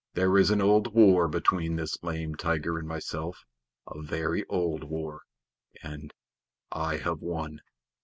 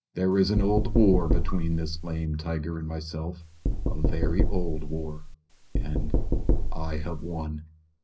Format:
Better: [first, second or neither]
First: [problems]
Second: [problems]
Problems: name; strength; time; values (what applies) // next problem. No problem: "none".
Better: first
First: none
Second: background sound (Knock); 4 dB above the speech // room echo; dies away in 0.5 s